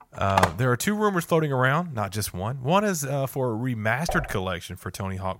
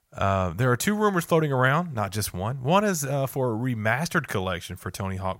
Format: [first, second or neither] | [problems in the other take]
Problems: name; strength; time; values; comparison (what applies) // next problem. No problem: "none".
second | phone ringing; loud; at 0.5 s; peak 1 dB above the speech // clattering dishes; noticeable; at 4 s; peak 9 dB below the speech